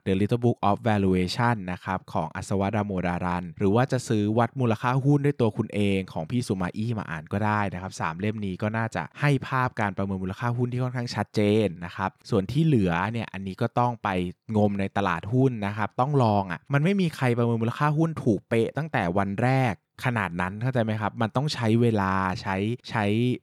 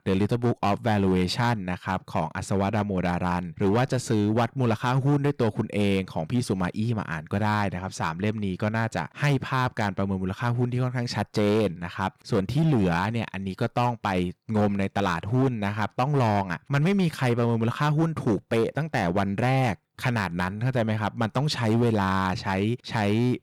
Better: first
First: none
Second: distortion; slight; 8% of the sound clipped

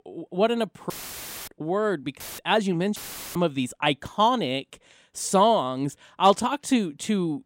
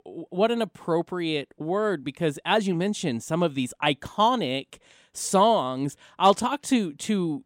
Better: second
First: audio cutting out; filled with static; at 1 s for 0.5 s, at 2 s and at 3 s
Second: none

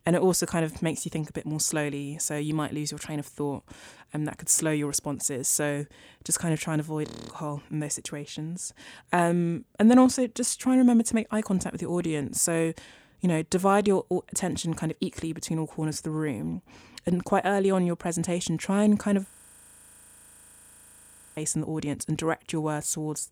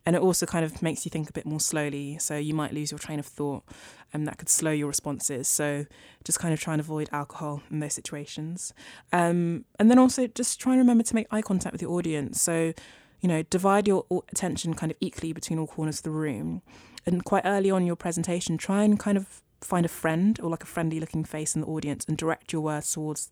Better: second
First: audio freezing; at 7 s and at 19 s for 2 s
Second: none

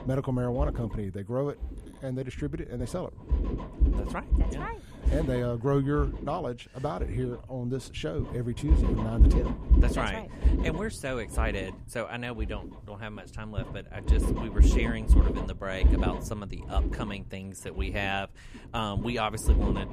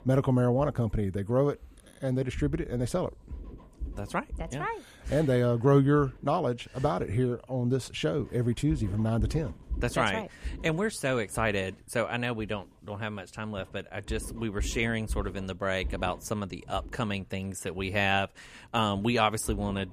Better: second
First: low rumble; loud; throughout; 6 dB below the speech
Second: low rumble; faint; throughout; 25 dB below the speech

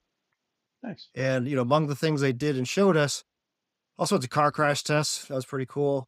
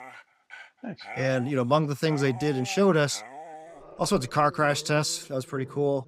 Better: first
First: none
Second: animal sounds; noticeable; throughout; 20 dB below the speech

